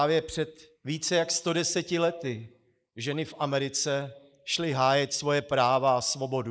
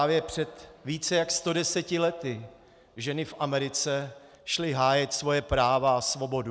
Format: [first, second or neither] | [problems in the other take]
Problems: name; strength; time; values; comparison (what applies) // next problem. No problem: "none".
second | noise reduction (neural mask model Resemble Enhance denoiser)